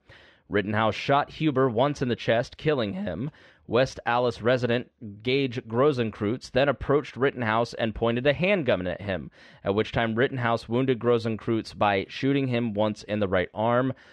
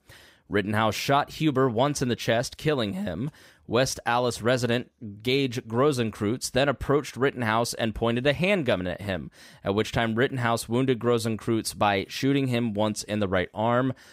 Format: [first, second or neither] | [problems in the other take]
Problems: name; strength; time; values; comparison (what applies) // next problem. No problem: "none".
second | muffled; slightly; fading above 3 kHz